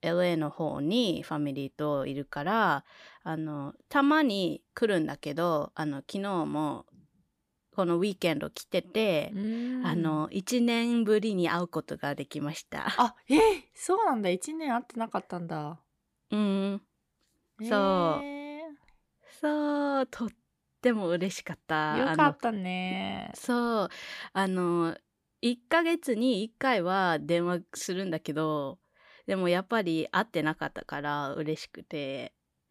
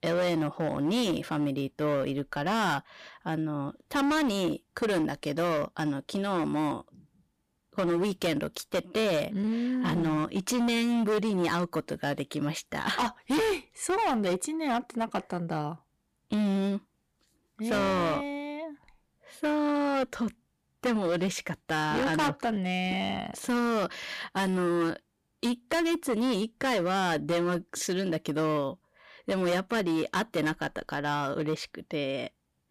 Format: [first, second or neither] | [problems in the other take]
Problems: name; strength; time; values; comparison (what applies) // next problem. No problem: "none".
first | distortion; heavy; 15% of the sound clipped